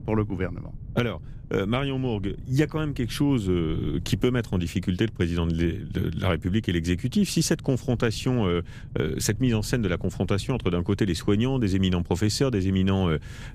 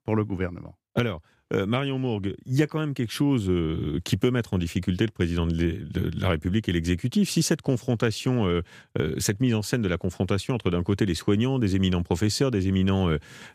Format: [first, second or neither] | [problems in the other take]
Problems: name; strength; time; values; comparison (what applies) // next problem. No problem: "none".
second | low rumble; faint; throughout; 25 dB below the speech